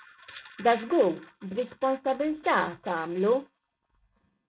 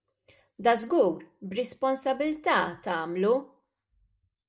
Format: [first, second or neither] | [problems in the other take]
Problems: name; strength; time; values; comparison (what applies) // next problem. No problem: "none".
second | noise reduction (neural mask model RNNoise)